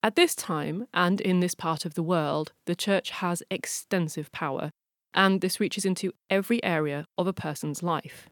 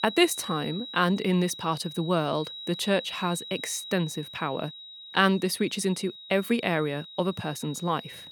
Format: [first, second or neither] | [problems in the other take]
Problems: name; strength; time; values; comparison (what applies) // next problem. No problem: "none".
first | high-pitched whine; noticeable; throughout; 4 kHz, 10 dB below the speech